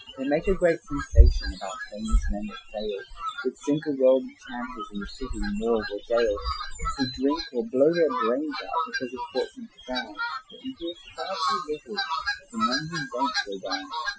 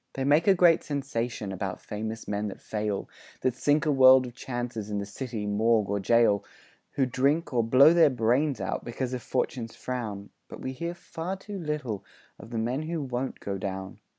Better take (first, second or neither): second